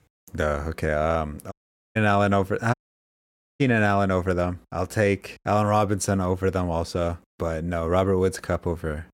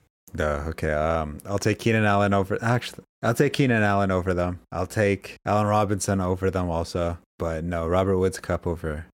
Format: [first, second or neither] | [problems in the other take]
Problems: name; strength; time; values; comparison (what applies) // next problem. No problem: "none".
second | audio cutting out; at 1.5 s and at 2.5 s for 1 s